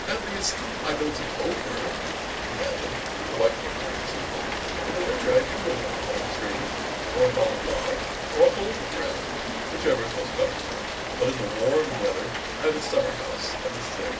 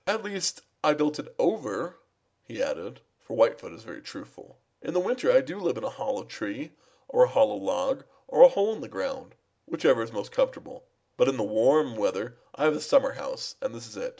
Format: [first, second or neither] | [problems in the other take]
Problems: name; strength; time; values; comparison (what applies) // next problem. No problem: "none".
second | background sound (Rain); 2 dB below the speech // room echo; dies away in 0.2 s